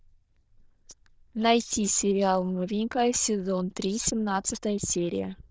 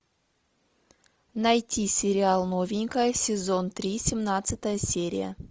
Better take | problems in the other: second | noise reduction (neural diffusion model UNIVERSE++)

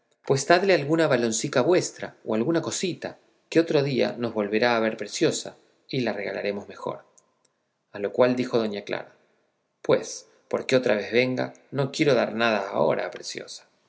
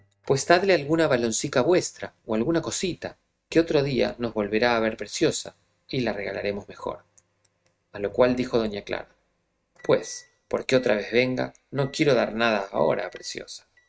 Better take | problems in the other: first | noise reduction (neural mask model RNNoise)

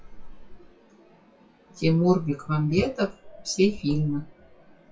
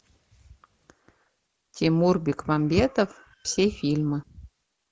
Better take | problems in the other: second | noise reduction (classical method WPE with log-MMSE)

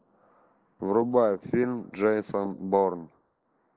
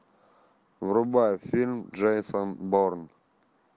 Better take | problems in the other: second | noise reduction (neural mask model Resemble Enhance denoiser)

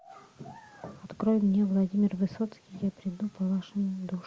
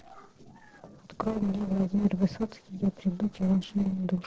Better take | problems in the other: first | noise reduction (neural separator model SepFormer DNS4)

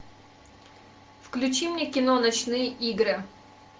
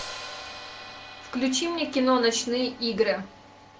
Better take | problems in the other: first | background sound (Hi-hat); 15 dB below the speech

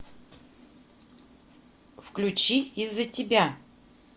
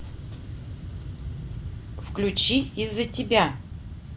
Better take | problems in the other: first | background sound (Fixed-wing aircraft, airplane); 7 dB below the speech

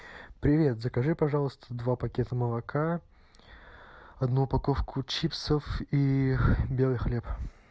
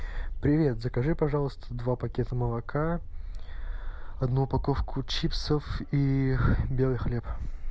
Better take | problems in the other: first | background sound (Bark); 5 dB below the speech

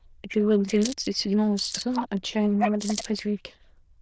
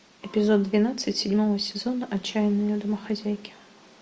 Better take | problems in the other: second | noise reduction (neural diffusion model UNIVERSE++)

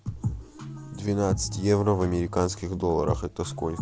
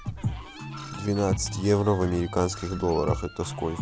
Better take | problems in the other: first | background sound (Screech + Fowl); 17 dB below the speech

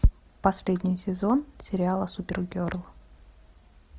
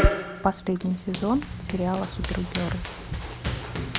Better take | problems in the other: first | background sound (Run); 4 dB below the speech

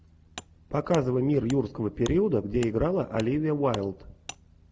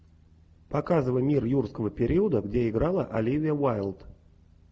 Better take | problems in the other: second | background sound (Wood); 19 dB below the speech

